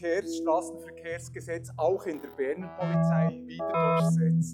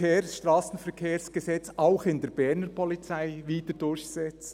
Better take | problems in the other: second | noise reduction (classical method log-MMSE)

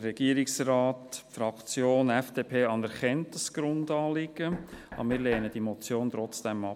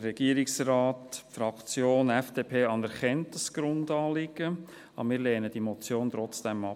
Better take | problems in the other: second | background sound (Knock); 14 dB below the speech

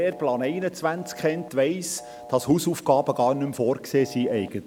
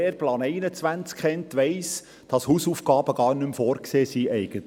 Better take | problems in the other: second | background sound (Telephone); 19 dB below the speech

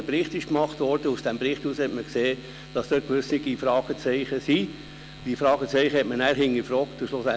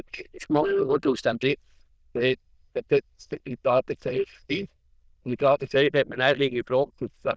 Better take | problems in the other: first | noise reduction (neural diffusion model UNIVERSE++)

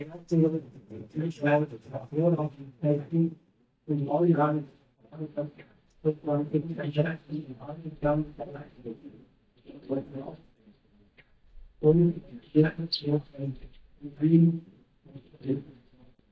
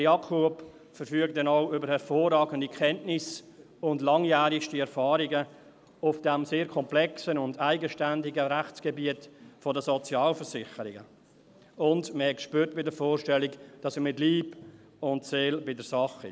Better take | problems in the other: second | noise reduction (neural mask model DeepFilterNet 3)

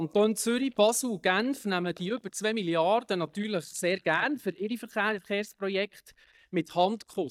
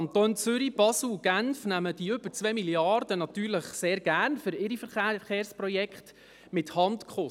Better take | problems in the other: second | noise reduction (neural mask model DeepFilterNet 3)

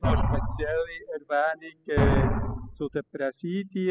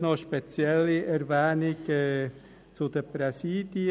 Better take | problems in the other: second | noise reduction (classical method spectral subtraction)

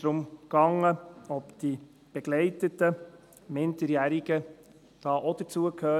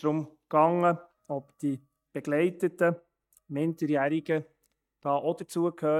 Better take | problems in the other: first | noise reduction (neural mask model DeepFilterNet 3)

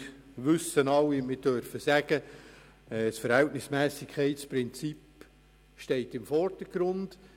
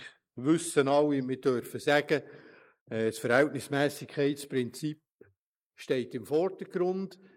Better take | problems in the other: first | noise reduction (neural mask model Resemble Enhance denoiser)

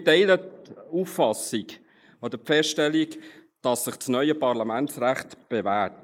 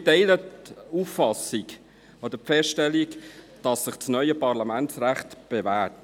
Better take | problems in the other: second | noise reduction (neural mask model Resemble Enhance denoiser)

